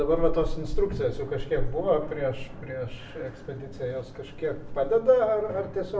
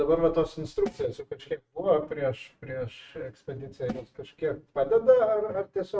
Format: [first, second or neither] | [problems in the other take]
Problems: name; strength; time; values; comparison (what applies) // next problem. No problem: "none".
first | noise reduction (neural mask model RNNoise)